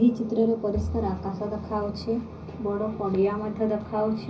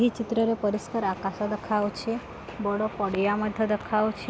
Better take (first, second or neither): second